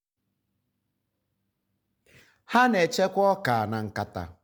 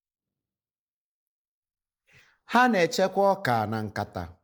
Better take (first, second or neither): first